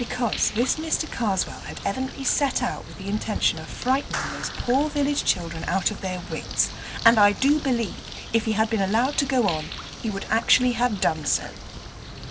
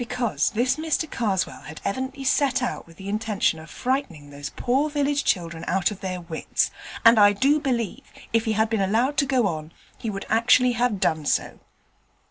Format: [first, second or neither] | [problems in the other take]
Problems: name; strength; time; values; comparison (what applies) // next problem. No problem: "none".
second | background sound (Bird + Clapping); 10 dB below the speech